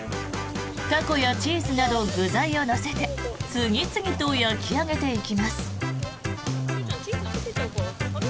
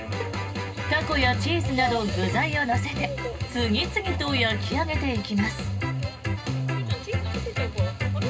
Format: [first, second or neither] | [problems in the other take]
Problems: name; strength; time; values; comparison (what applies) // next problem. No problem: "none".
first | background sound (Bowed string instrument); 18 dB below the speech // room echo; dies away in 0.2 s